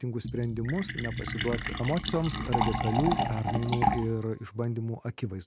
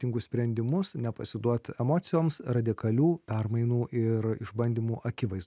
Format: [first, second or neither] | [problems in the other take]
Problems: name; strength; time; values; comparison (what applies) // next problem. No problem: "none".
second | background sound (Fill (with liquid)); 2 dB below the speech